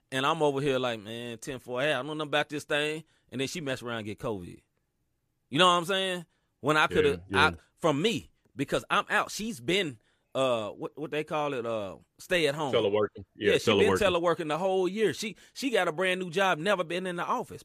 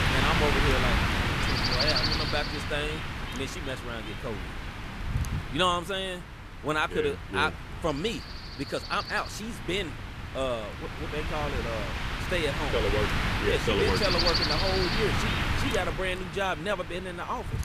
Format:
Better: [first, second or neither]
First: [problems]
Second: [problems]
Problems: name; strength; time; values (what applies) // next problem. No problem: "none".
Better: first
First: none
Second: wind noise on the microphone; heavy; 1 dB above the speech